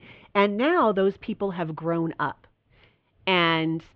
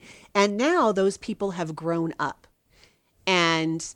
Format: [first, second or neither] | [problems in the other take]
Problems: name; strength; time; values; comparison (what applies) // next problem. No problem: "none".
second | muffled; very; fading above 3.5 kHz